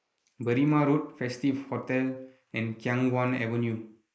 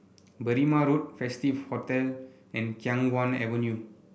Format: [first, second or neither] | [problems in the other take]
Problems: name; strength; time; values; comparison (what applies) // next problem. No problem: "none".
second | noise reduction (neural mask model Resemble Enhance denoiser)